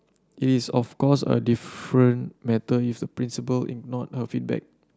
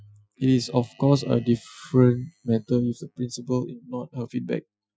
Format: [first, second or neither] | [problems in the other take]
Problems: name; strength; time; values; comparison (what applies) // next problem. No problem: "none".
first | noise reduction (classical method Wiener filter)